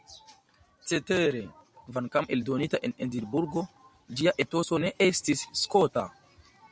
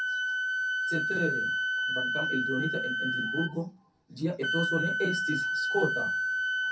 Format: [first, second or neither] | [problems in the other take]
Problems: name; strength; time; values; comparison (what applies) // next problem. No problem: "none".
first | background sound (Wind instrument, woodwind instrument); 4 dB above the speech // room echo; dies away in 0.3 s